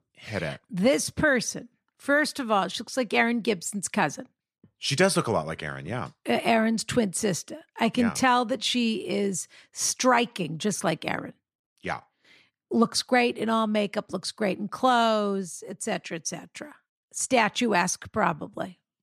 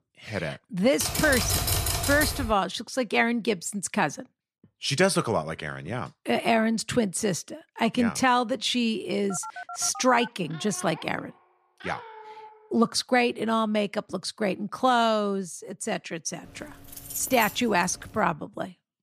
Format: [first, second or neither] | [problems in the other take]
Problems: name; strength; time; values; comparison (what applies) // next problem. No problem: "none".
first | keyboard typing; loud; from 1 to 2.5 s; peak 2 dB above the speech // phone ringing; faint; from 9.5 to 13 s; peak 10 dB below the speech // jangling keys; noticeable; from 16 to 18 s; peak 7 dB below the speech